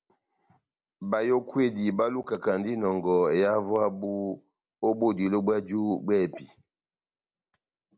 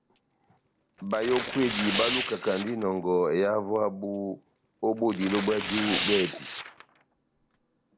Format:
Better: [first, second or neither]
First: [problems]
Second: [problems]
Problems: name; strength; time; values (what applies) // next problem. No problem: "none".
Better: first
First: none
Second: background sound (Tearing); 7 dB below the speech